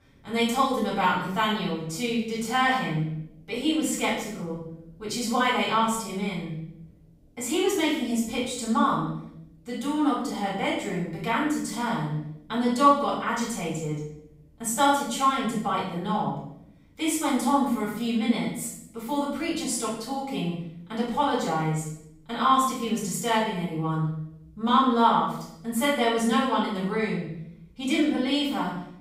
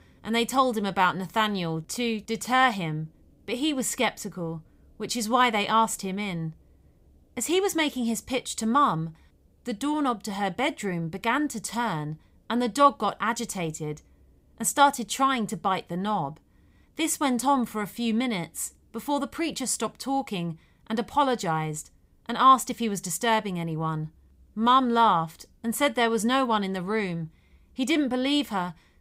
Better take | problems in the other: second | off-mic speech; far // room echo; noticeable; dies away in 0.7 s

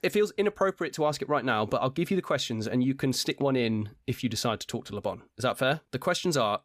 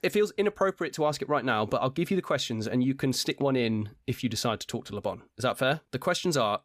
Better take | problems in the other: neither | none

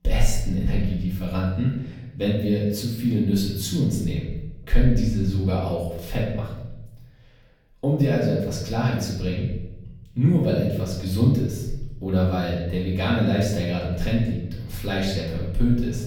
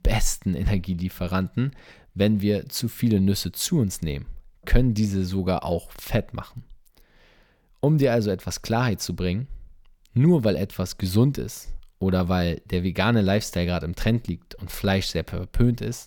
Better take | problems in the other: second | off-mic speech; far // room echo; noticeable; dies away in 0.9 s

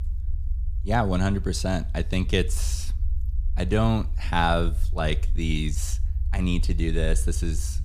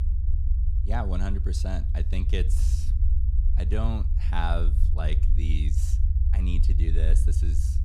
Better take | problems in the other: first | low rumble; loud; throughout; 7 dB below the speech; faint in the first

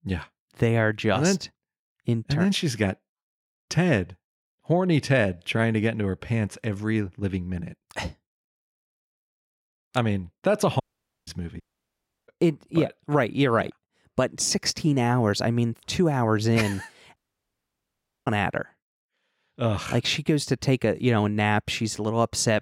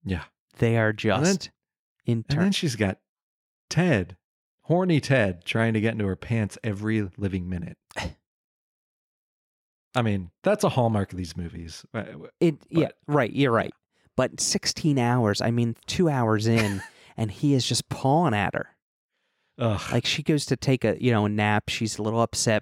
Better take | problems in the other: second | audio cutting out; at 11 s, at 12 s for 0.5 s and at 17 s for 1 s

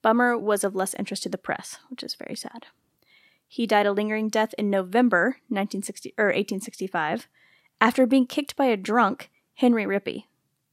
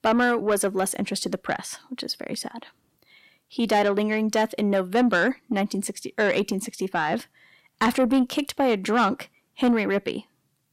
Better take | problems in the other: first | distortion; slight; 10 dB below the speech

